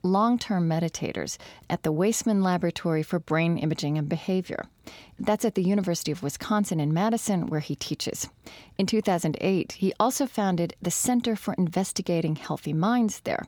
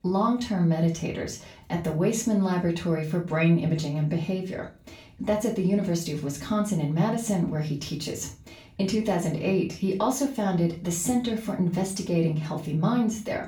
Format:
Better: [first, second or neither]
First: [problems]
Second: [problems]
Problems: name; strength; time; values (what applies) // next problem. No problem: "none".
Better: first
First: none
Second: off-mic speech; far // room echo; slight; dies away in 0.3 s